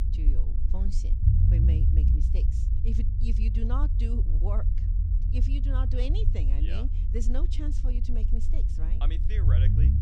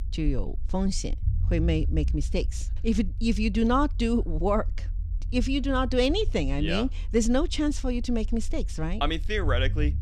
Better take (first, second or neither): second